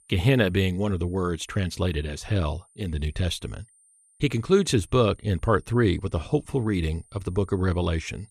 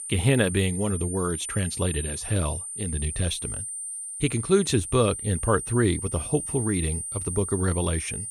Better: first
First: high-pitched whine; faint; throughout; 9 kHz, 30 dB below the speech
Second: high-pitched whine; loud; throughout; 9 kHz, 5 dB below the speech

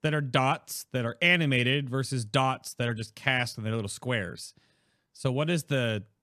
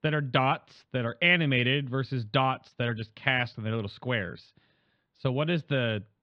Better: first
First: none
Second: muffled; slightly; fading above 4 kHz

